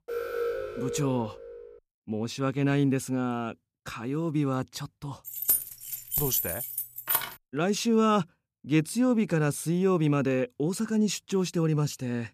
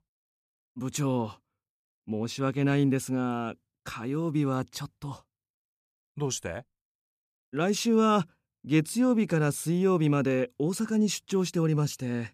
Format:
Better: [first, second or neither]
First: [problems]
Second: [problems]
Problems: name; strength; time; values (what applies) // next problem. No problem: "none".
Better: second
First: alarm; noticeable; until 1.5 s; peak 3 dB below the speech // jangling keys; loud; from 5.5 to 7.5 s; peak 3 dB above the speech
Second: none